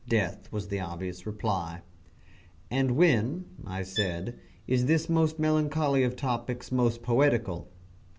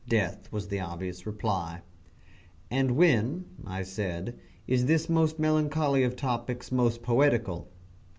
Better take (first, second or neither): second